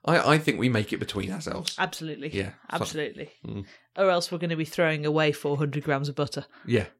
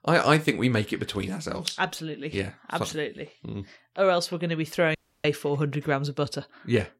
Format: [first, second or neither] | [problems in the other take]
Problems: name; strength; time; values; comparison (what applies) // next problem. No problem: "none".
first | audio cutting out; at 5 s